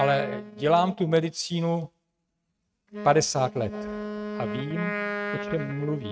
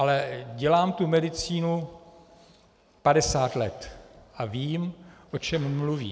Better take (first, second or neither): second